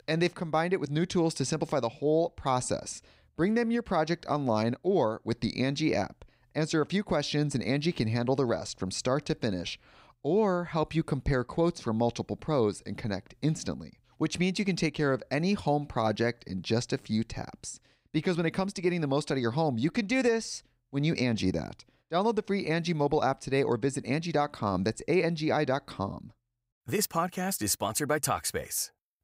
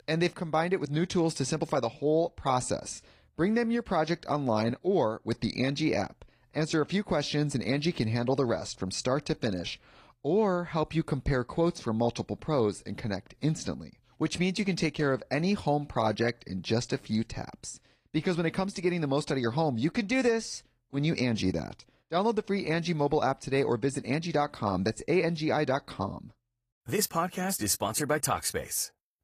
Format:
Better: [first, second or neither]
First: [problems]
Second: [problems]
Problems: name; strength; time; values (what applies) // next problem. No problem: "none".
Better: first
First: none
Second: garbled, watery; slightly; nothing above 14.5 kHz